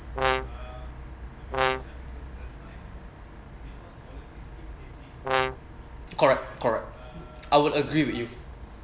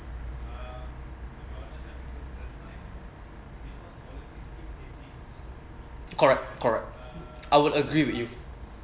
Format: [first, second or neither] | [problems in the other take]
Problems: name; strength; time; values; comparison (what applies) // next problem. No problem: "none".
second | background sound (Brass instrument); 1 dB above the speech